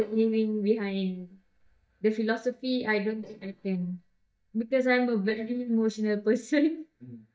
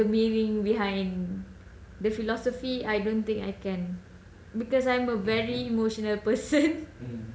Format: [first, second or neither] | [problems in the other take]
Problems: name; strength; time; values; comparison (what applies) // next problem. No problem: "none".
second | noise reduction (neural mask model DeepFilterNet 3)